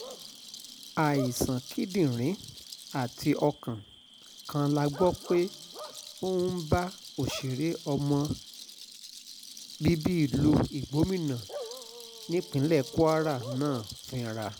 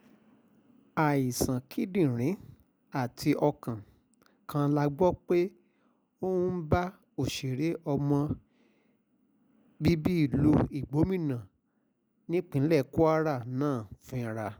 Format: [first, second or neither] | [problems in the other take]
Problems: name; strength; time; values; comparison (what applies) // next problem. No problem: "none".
second | background sound (Bark / Cricket + Rattle); 15 dB below the speech